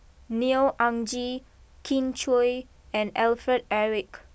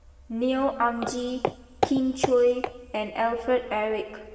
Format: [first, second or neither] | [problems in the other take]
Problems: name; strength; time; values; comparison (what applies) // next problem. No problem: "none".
first | background sound (Walk, footsteps); 6 dB below the speech // room echo; dies away in 2 s